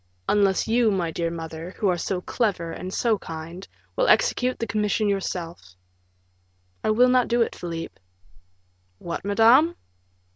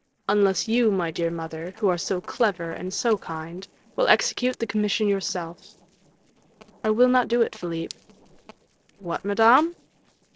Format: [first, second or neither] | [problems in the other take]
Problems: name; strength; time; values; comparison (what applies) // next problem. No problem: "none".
first | noise reduction (neural separator model SepFormer DNS4)